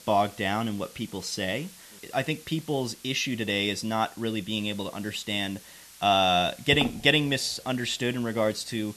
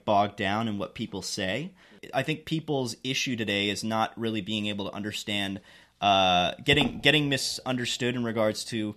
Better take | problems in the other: second | hiss; faint; throughout; 20 dB below the speech

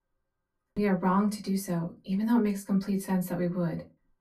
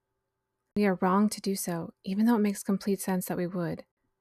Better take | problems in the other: second | off-mic speech; far // room echo; very slight; dies away in 0.2 s

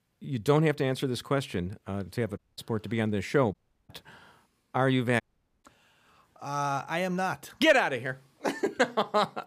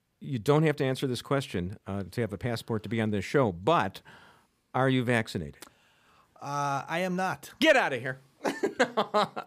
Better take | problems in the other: second | audio cutting out; at 2.5 s, at 3.5 s and at 5 s

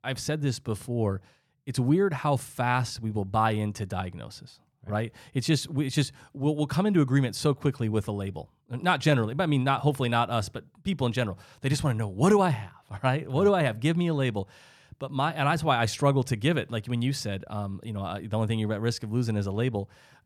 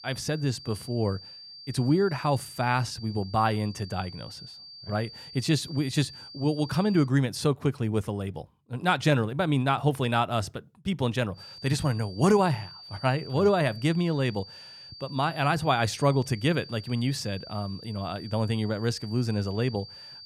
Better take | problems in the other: first | high-pitched whine; noticeable; until 7 s and from 11 s on; 4.5 kHz, 15 dB below the speech

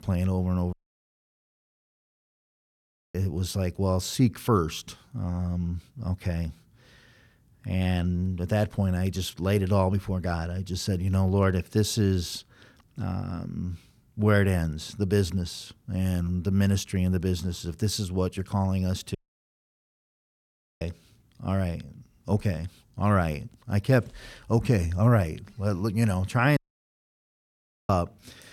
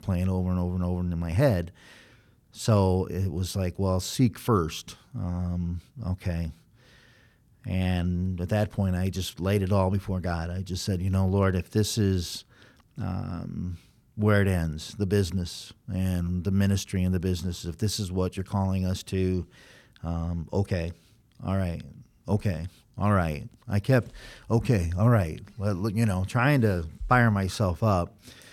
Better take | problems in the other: second | audio cutting out; at 0.5 s for 2.5 s, at 19 s for 1.5 s and at 27 s for 1.5 s

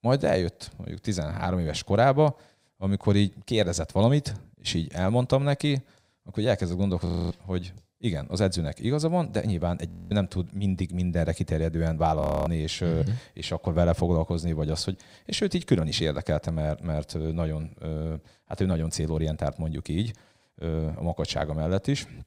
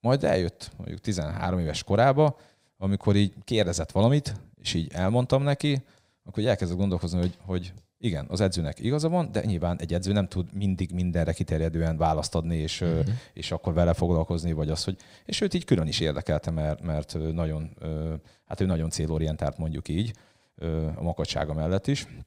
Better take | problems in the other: second | audio freezing; at 7 s, at 10 s and at 12 s

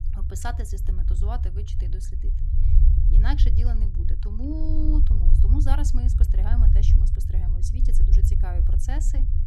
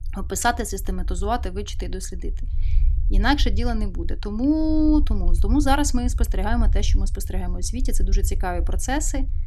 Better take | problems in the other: second | low rumble; loud; throughout; 4 dB below the speech; faint in the second

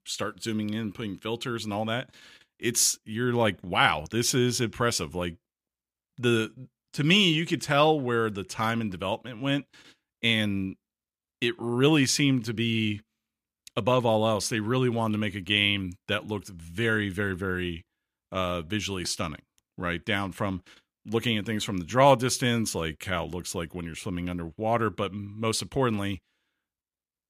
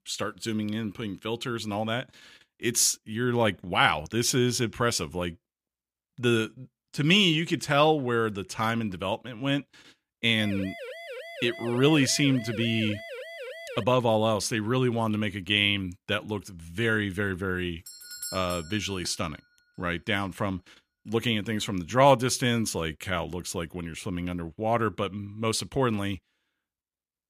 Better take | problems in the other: first | siren; faint; from 10 to 14 s; peak 10 dB below the speech // doorbell; noticeable; at 18 s; peak 9 dB below the speech

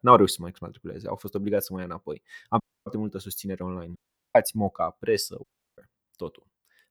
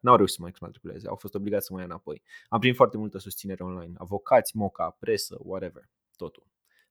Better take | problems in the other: second | audio cutting out; at 2.5 s, at 4 s and at 5.5 s

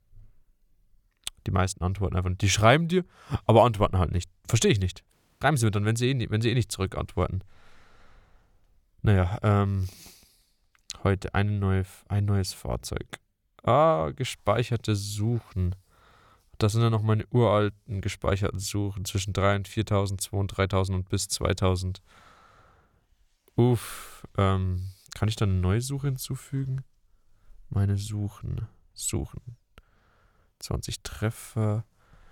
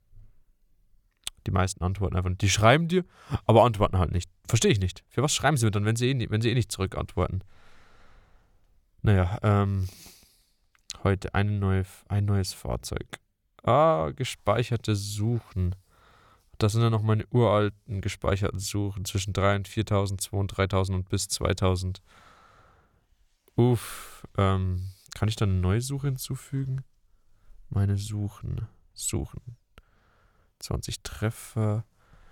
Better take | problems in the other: second | audio cutting out; at 5 s

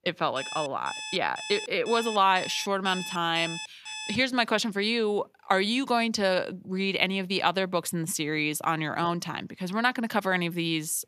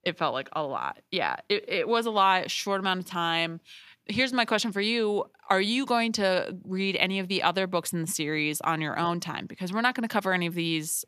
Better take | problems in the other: second | alarm; noticeable; until 4 s; peak 8 dB below the speech

